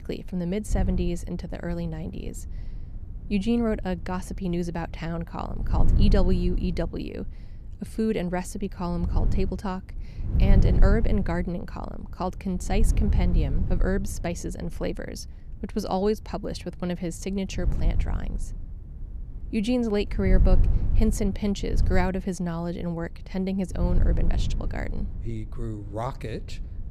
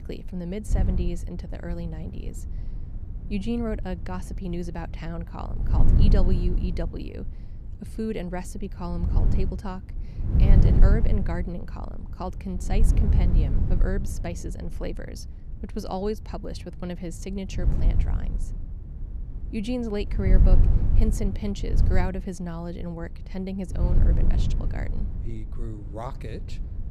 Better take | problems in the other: first | wind noise on the microphone; heavy; 5 dB below the speech; occasional gusts in the first

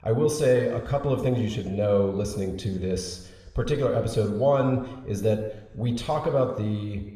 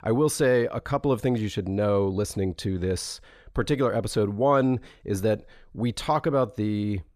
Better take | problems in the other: second | room echo; slight; dies away in 0.9 s

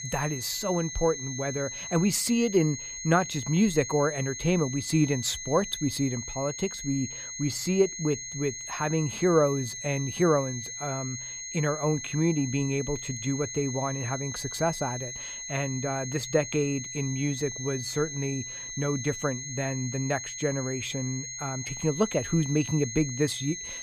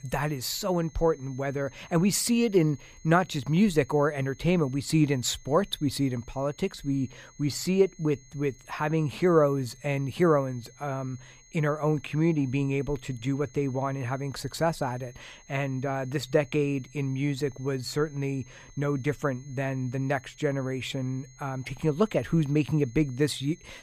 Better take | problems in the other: second | high-pitched whine; loud; throughout; 6.5 kHz, 7 dB below the speech; faint in the second

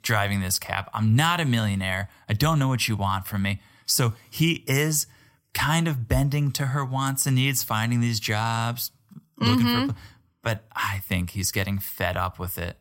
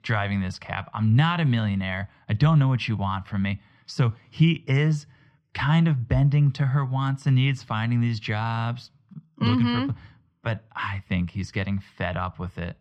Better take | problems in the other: first | muffled; slightly; fading above 3.5 kHz

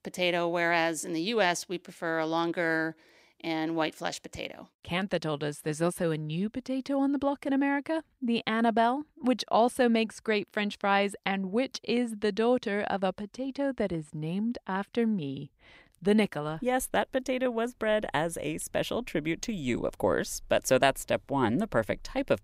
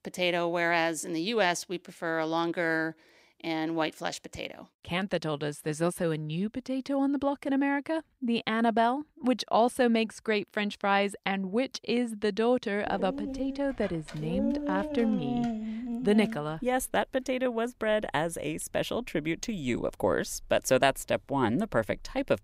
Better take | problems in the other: first | dog barking; noticeable; from 13 to 16 s; peak 2 dB below the speech

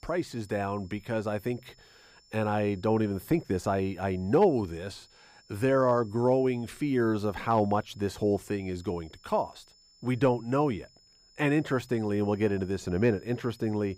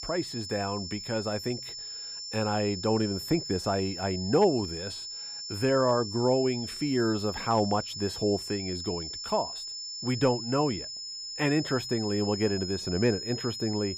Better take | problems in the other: first | high-pitched whine; loud; throughout; 5.5 kHz, 7 dB below the speech; faint in the first

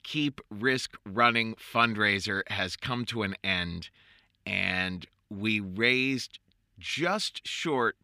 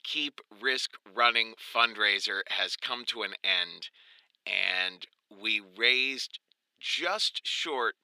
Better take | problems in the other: first | thin; very; fading below 400 Hz

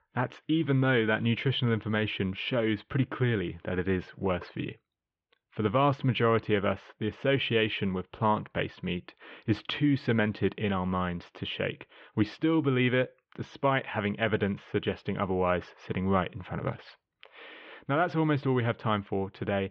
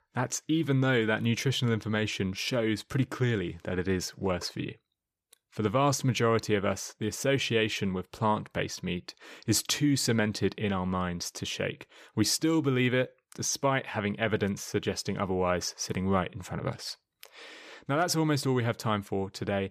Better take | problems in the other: second | muffled; very; fading above 3 kHz

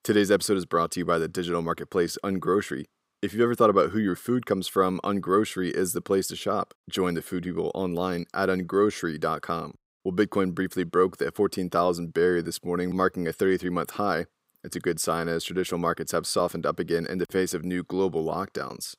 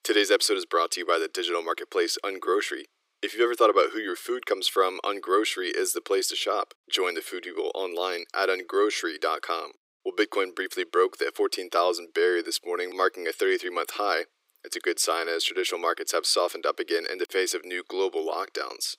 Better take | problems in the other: first | thin; very; fading below 350 Hz

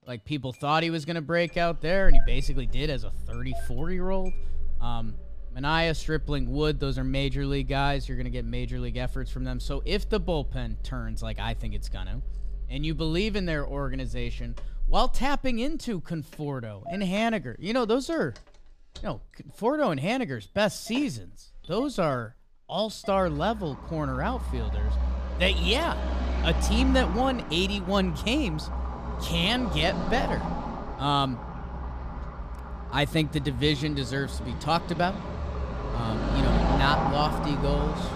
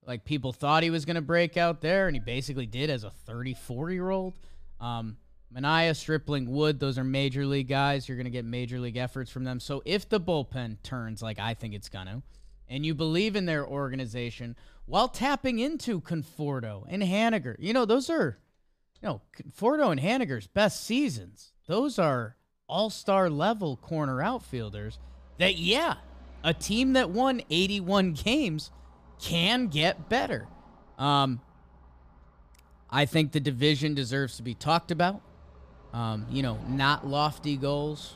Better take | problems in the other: second | traffic noise; loud; throughout; 5 dB below the speech; faint in the second

